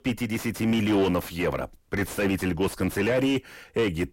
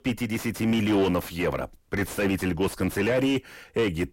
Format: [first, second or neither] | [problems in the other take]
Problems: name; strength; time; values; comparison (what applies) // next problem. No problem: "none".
neither | distortion; heavy; 7 dB below the speech; the same in both